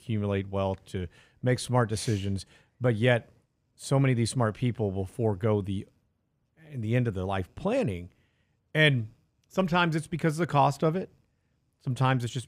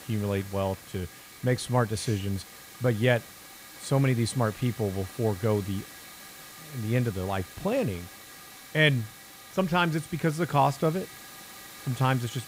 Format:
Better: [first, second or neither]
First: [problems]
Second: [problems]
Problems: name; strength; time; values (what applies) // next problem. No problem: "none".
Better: first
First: none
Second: hiss; noticeable; throughout; 15 dB below the speech